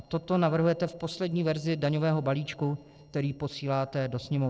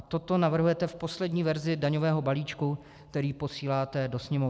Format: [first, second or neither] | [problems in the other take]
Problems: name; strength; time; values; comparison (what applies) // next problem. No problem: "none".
second | noise reduction (neural separator model SepFormer DNS4)